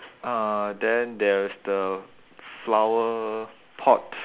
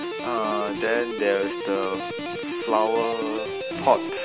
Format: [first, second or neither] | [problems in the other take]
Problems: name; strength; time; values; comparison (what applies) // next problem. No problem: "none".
first | background sound (Guitar); 4 dB below the speech